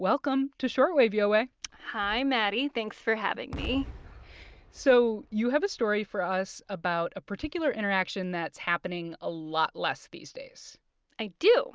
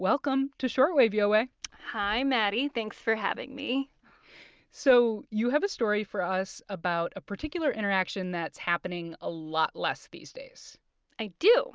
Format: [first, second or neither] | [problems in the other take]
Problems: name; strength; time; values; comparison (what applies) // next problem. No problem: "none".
second | background sound (Explosion); 16 dB below the speech